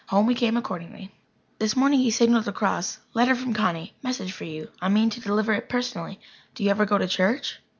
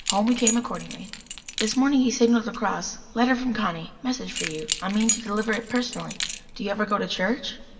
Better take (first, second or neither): first